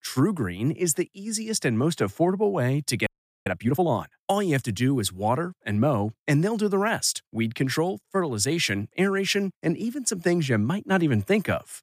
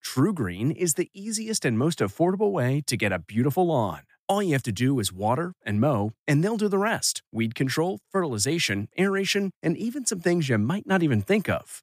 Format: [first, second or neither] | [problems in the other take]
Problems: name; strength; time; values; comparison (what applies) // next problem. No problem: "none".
second | audio freezing; at 3 s